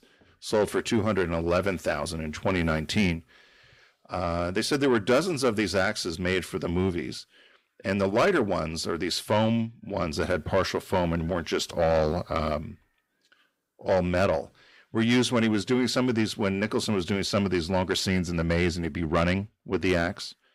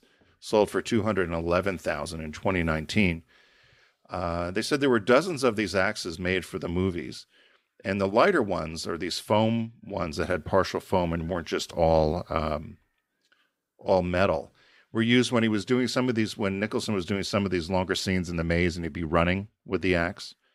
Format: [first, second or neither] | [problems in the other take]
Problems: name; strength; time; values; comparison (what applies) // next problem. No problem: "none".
second | distortion; slight; 10 dB below the speech